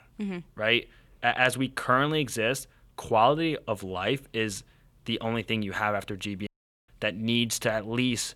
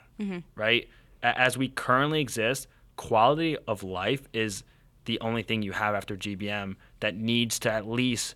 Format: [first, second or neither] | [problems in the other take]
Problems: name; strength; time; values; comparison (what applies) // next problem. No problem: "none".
second | audio cutting out; at 6.5 s